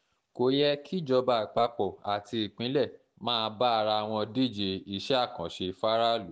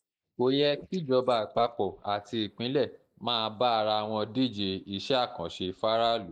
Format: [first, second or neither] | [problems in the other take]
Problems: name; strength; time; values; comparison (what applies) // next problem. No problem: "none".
first | noise reduction (neural mask model Resemble Enhance denoiser)